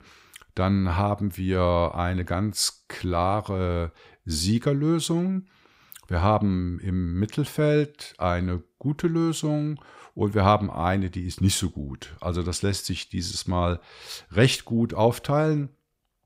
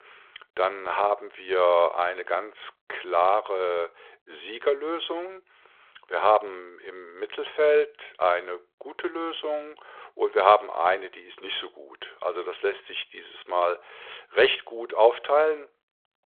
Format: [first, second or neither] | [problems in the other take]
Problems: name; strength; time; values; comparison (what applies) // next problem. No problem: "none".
first | phone-call audio; nothing above 3.5 kHz